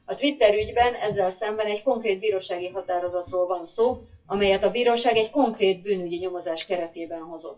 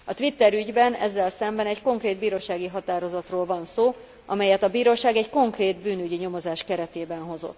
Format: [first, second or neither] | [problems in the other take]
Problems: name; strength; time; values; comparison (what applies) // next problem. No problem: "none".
second | noise reduction (classical method WPE with log-MMSE)